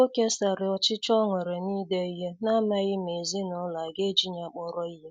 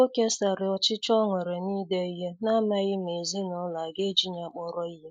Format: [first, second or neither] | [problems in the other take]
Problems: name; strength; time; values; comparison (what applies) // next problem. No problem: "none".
first | noise reduction (neural mask model Resemble Enhance denoiser)